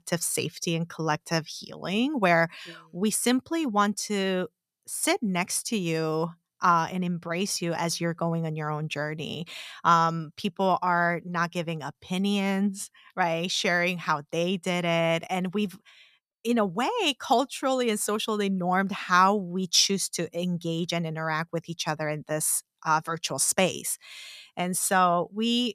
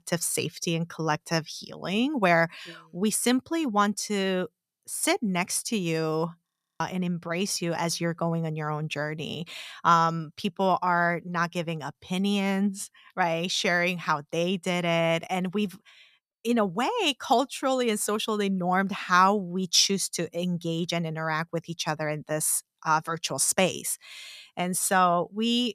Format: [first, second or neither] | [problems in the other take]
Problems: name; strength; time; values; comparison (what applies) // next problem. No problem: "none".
first | audio freezing; at 6.5 s